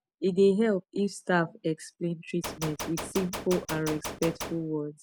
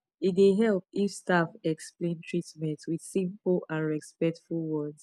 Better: second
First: background sound (Gunshot, gunfire); 8 dB below the speech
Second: none

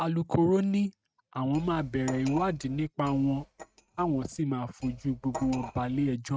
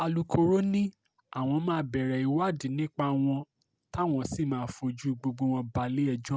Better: second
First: noise reduction (neural mask model RNNoise)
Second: none

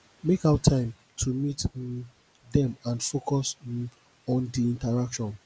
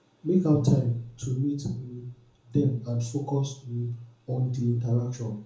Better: first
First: none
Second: room echo; dies away in 1 s

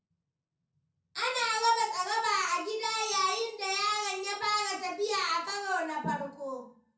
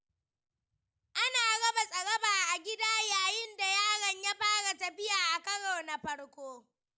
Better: second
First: room echo; dies away in 0.6 s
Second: none

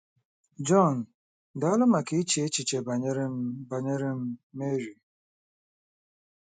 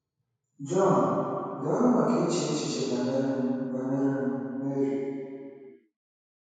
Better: first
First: none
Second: room echo; dies away in 2.2 s

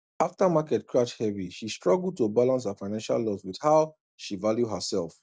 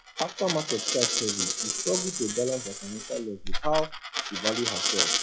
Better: first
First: none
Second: noise reduction (classical method log-MMSE)

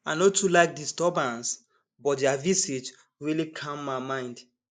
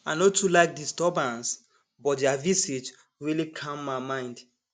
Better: second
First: noise reduction (neural mask model Resemble Enhance denoiser)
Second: none

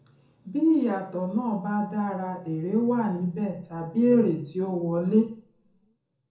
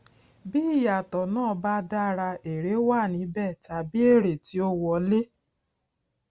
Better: second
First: room echo; dies away in 0.6 s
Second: none

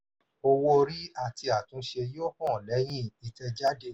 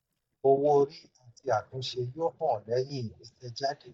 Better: first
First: none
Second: noise reduction (neural mask model DeepFilterNet 3)

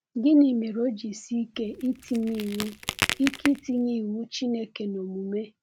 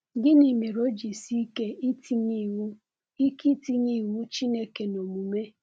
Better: second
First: background sound (Crack); 7 dB below the speech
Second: none

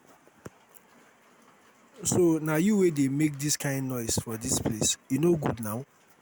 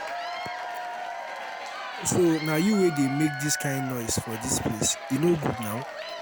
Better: first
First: none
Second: background sound (Applause / Crowd / Cheering); 8 dB below the speech

